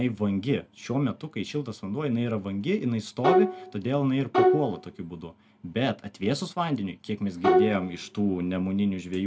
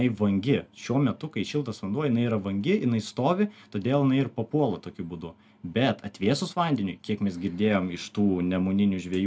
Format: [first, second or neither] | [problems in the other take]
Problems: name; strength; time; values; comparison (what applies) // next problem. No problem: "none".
second | background sound (Bowed string instrument); 3 dB above the speech